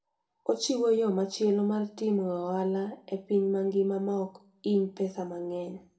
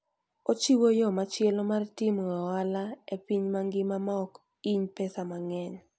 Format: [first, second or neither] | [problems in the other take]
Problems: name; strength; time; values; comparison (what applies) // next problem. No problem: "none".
second | room echo; dies away in 0.3 s